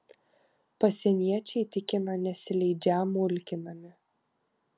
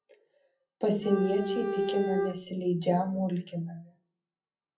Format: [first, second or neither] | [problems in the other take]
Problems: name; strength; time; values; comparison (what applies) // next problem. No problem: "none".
first | noise reduction (classical method WPE with log-MMSE)